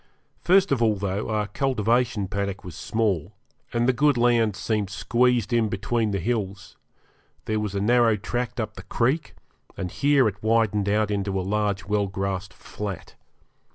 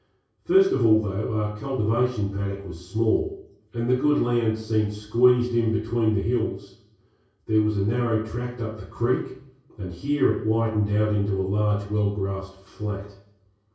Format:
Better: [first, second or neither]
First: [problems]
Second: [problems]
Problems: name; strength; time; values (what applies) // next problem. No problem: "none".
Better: first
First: none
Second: room echo; dies away in 0.6 s